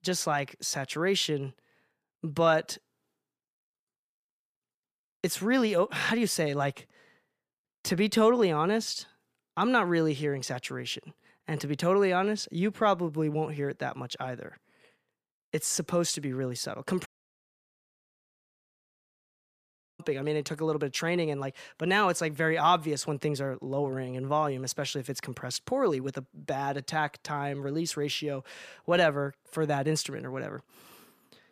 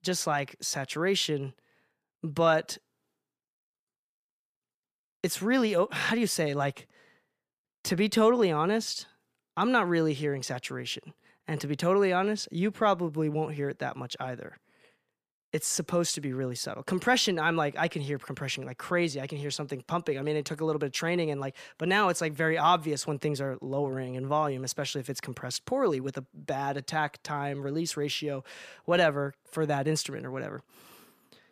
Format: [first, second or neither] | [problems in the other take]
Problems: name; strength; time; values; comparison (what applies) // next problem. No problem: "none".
second | audio cutting out; at 17 s for 3 s